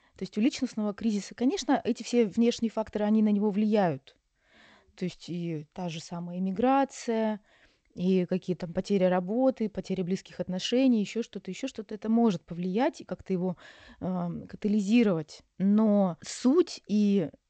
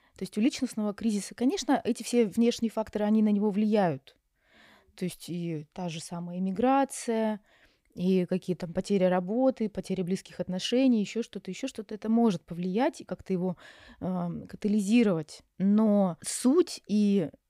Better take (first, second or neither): second